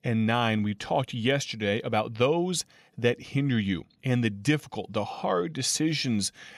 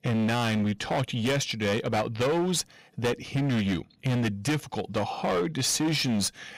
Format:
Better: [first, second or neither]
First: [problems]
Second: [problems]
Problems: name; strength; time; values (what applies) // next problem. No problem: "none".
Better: first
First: none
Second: distortion; heavy; 20% of the sound clipped